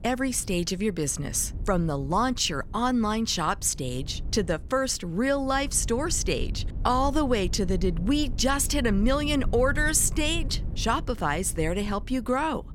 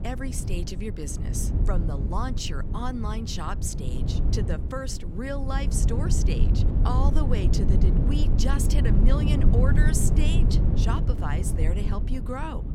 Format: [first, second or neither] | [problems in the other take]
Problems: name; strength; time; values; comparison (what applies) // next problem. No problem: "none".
first | low rumble; loud; throughout; 4 dB below the speech; faint in the first